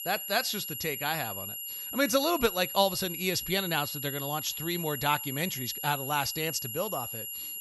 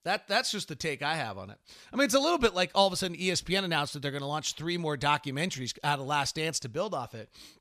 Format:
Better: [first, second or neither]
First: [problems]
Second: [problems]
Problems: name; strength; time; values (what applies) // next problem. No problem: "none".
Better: second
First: high-pitched whine; loud; throughout; 11.5 kHz, 5 dB below the speech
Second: none